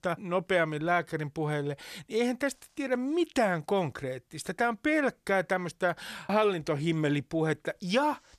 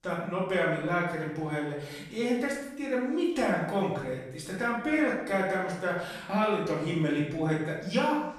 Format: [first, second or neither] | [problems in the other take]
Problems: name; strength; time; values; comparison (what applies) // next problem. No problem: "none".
first | room echo; noticeable; dies away in 0.7 s // off-mic speech; far